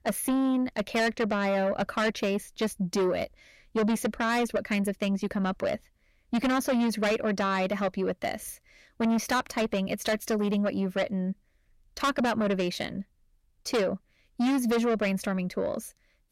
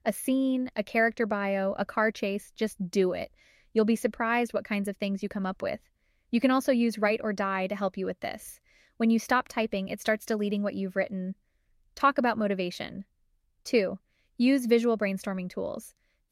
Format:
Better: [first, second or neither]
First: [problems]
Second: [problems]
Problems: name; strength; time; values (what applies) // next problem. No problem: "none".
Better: second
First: distortion; heavy; 7 dB below the speech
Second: none